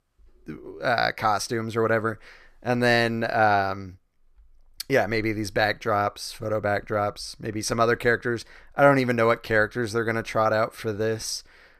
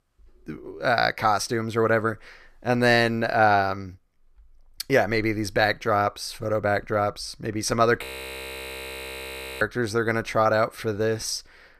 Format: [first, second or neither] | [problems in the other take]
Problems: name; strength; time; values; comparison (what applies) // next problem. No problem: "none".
first | audio freezing; at 8 s for 1.5 s